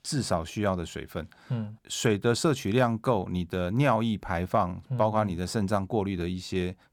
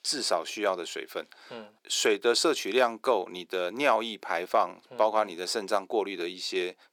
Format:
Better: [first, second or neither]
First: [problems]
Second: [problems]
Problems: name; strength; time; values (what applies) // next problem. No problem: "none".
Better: first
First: none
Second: thin; very; fading below 350 Hz